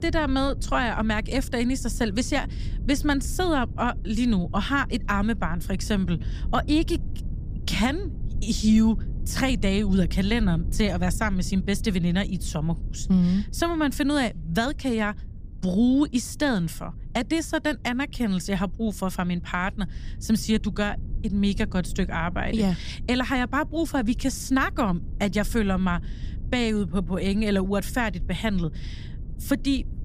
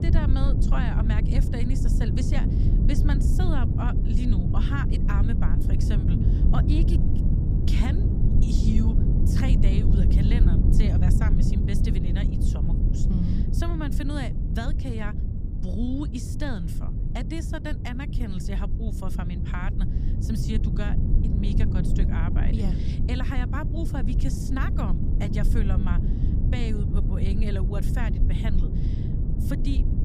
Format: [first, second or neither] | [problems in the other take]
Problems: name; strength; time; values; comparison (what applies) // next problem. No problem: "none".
first | low rumble; loud; throughout; 1 dB below the speech; faint in the first